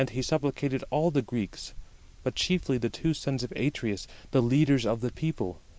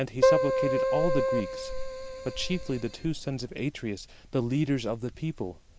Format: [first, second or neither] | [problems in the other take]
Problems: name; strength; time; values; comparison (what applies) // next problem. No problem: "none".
first | background sound (Keyboard (musical)); 4 dB above the speech